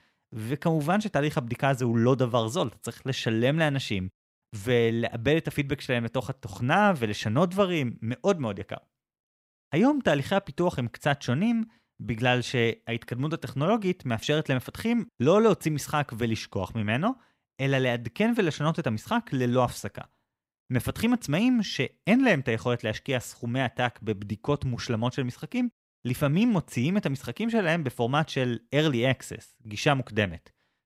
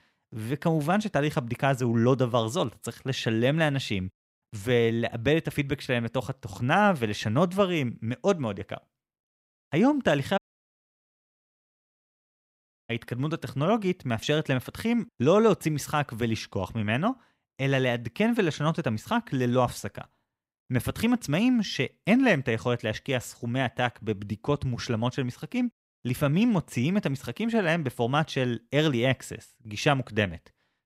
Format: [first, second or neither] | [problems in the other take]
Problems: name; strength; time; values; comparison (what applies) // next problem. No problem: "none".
first | audio cutting out; at 10 s for 2.5 s